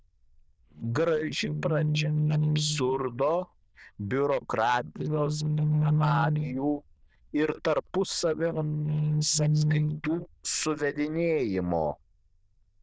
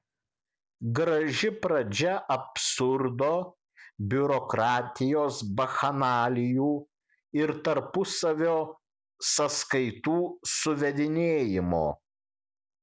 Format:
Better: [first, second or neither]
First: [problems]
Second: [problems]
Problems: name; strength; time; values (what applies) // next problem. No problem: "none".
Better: second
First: noise reduction (neural diffusion model UNIVERSE++)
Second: none